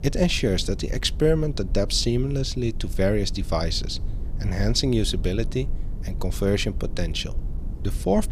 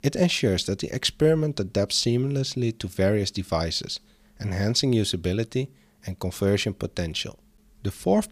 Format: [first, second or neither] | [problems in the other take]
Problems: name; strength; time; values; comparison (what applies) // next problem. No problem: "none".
second | low rumble; faint; throughout; 20 dB below the speech